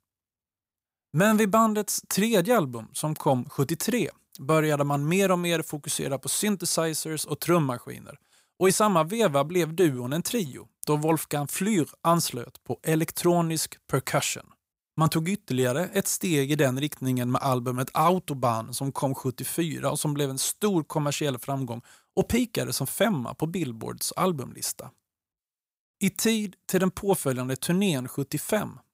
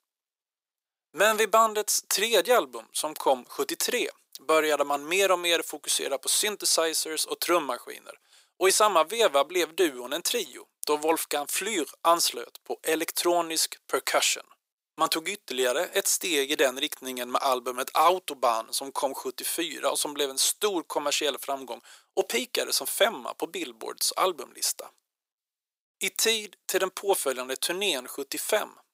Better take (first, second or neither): first